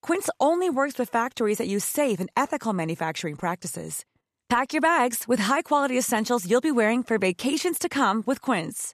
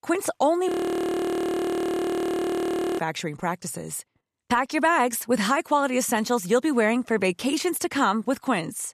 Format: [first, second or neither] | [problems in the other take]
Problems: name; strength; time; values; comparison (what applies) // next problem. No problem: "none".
first | audio freezing; at 0.5 s for 2.5 s